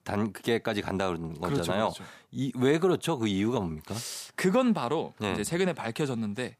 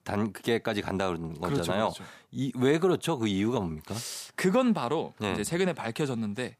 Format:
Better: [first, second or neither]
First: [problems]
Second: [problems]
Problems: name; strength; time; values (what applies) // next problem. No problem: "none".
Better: neither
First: none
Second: none